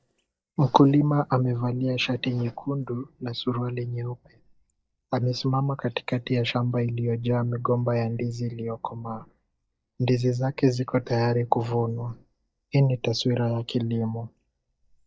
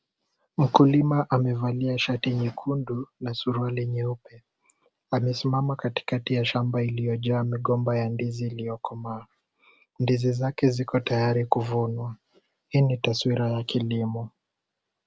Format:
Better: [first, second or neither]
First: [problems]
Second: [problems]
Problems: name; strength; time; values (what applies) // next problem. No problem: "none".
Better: second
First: noise reduction (neural mask model DeepFilterNet 3)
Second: none